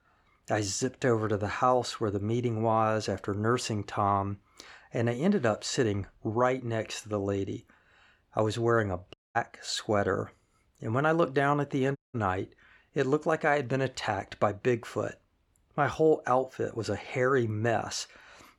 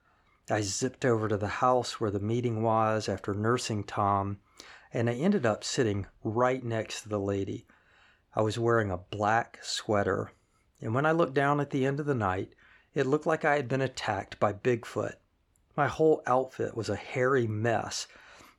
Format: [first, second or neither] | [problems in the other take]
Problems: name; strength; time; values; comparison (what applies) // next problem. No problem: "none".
second | audio cutting out; at 9 s and at 12 s